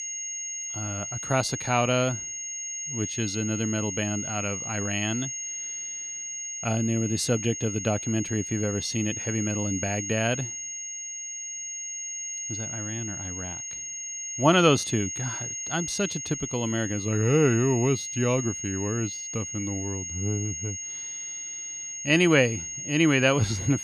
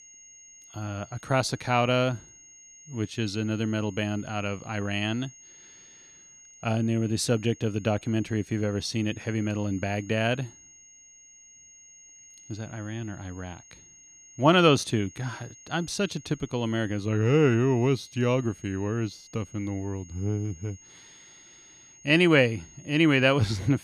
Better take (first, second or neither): second